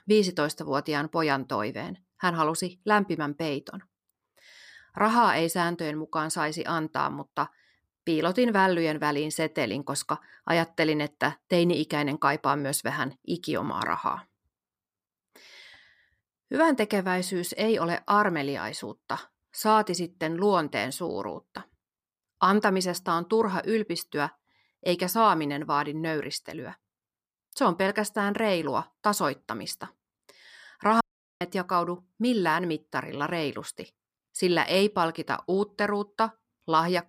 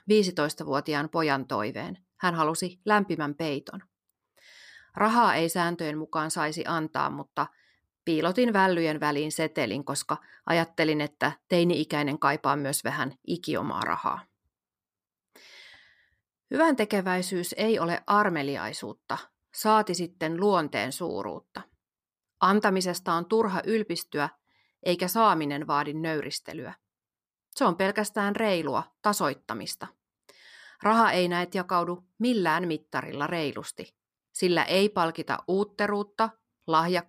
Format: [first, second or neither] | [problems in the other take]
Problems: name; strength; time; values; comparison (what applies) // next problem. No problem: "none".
second | audio cutting out; at 31 s